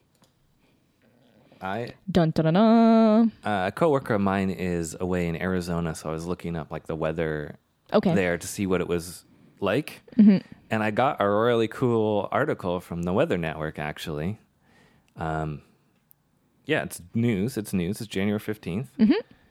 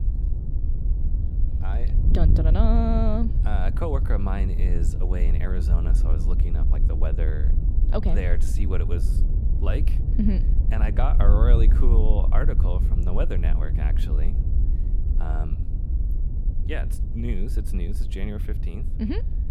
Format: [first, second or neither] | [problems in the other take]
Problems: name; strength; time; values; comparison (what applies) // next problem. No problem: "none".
first | wind noise on the microphone; heavy; 7 dB below the speech